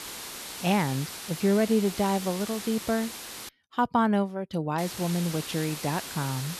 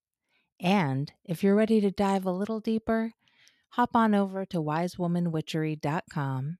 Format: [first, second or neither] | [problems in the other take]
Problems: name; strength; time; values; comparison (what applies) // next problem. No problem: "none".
second | hiss; loud; until 3.5 s and from 5 s on; 9 dB below the speech